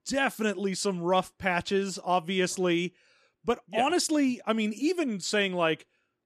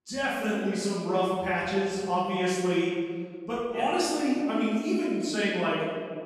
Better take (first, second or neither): first